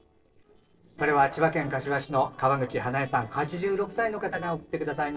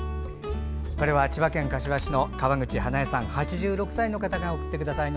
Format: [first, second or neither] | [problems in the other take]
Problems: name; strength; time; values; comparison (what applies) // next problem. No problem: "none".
second | noise reduction (neural separator model SepFormer DNS4)